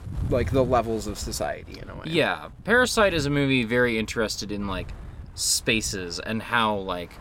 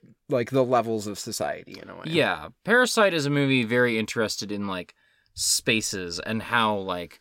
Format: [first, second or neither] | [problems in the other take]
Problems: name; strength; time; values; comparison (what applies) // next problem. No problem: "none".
second | wind noise on the microphone; occasional gusts; 25 dB below the speech